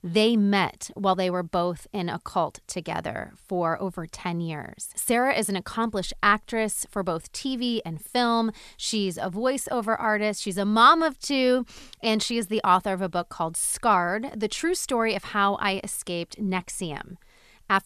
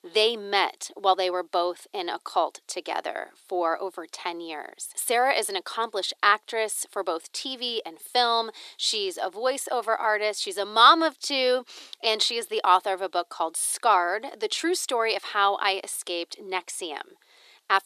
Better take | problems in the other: first | thin; very; fading below 350 Hz

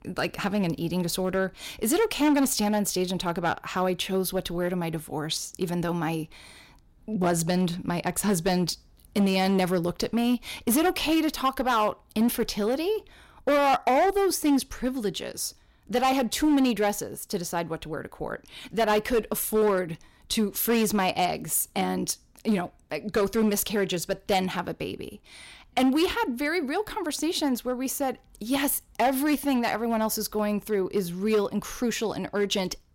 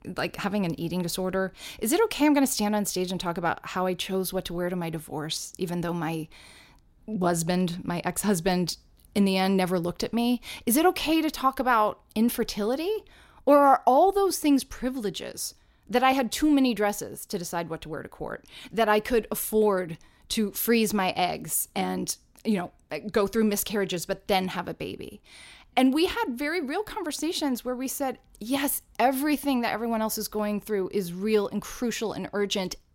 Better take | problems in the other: second | distortion; slight; 6% of the sound clipped

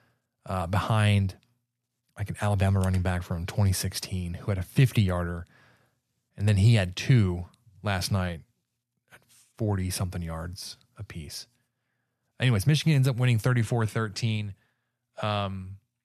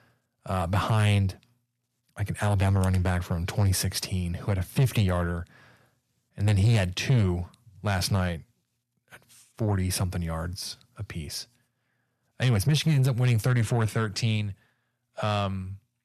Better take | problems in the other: first | distortion; slight; 10 dB below the speech

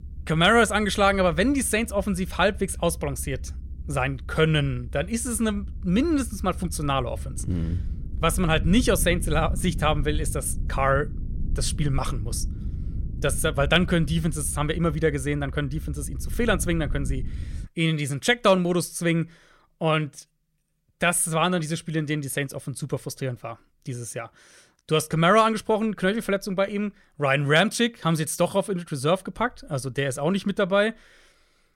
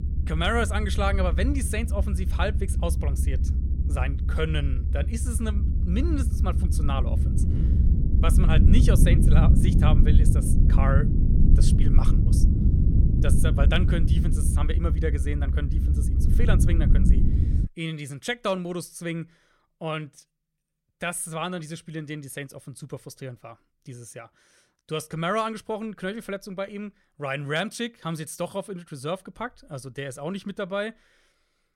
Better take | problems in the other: first | low rumble; loud; until 18 s; 5 dB below the speech; faint in the first

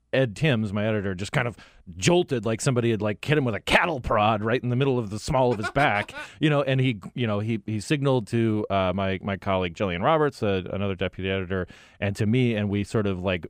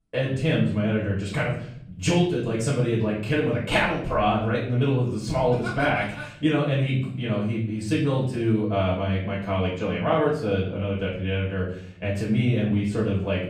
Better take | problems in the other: first | room echo; noticeable; dies away in 0.6 s // off-mic speech; far

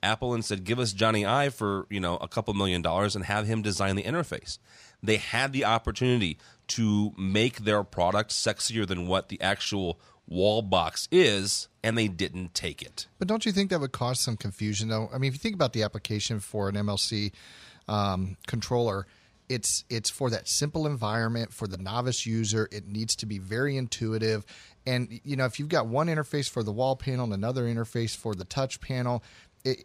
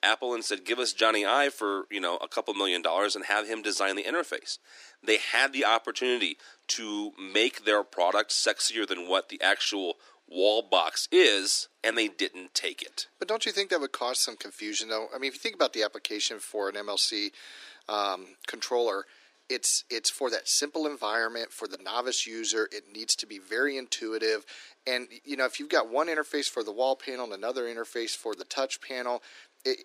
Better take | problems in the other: first | thin; very; fading below 300 Hz

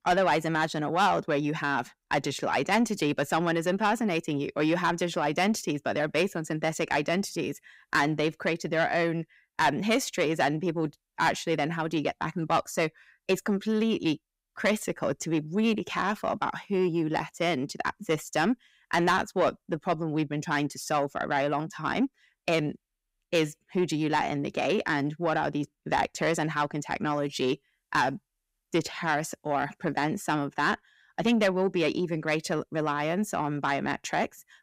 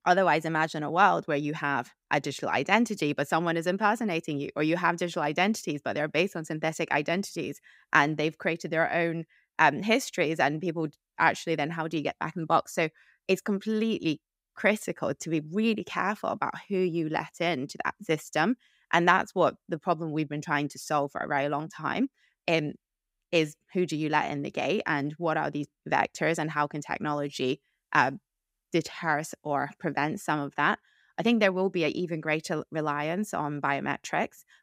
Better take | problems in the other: second | distortion; slight; 10 dB below the speech

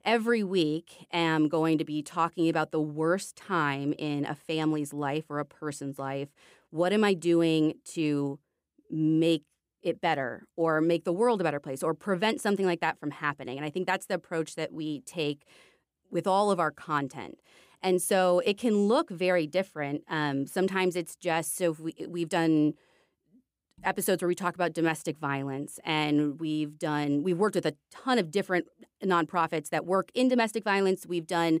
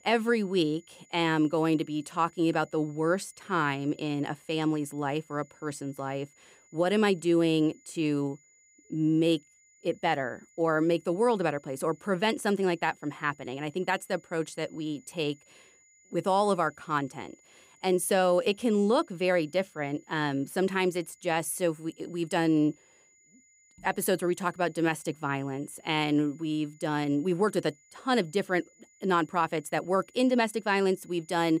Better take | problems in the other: first | high-pitched whine; faint; throughout; 7 kHz, 30 dB below the speech

